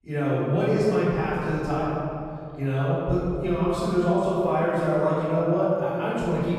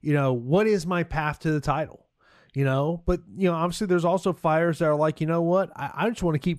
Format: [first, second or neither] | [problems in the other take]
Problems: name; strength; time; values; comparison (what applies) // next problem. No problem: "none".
second | off-mic speech; far // room echo; strong; dies away in 2.6 s